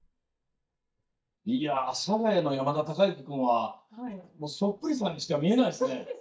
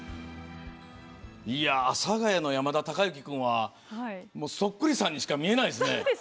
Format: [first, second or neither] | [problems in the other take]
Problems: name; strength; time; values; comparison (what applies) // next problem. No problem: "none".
second | noise reduction (neural mask model DeepFilterNet 3)